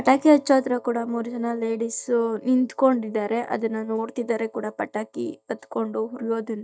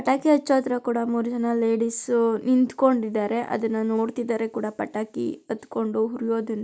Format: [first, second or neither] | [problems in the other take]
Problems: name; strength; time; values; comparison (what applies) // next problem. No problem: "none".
second | noise reduction (neural mask model DeepFilterNet 3)